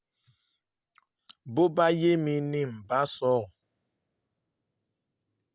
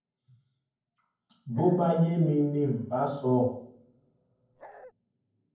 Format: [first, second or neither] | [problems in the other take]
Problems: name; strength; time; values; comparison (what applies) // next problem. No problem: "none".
first | background sound (Bark); 19 dB below the speech // room echo; dies away in 0.9 s